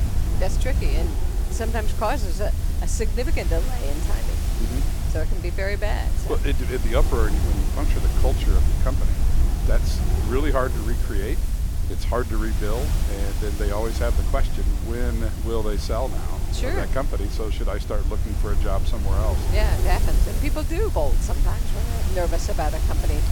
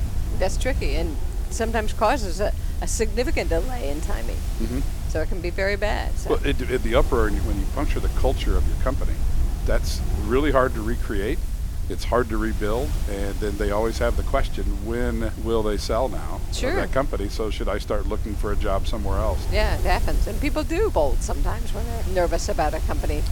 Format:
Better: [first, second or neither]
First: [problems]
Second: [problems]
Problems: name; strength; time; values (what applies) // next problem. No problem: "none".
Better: second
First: wind noise on the microphone; heavy; 7 dB below the speech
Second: wind noise on the microphone; occasional gusts; 15 dB below the speech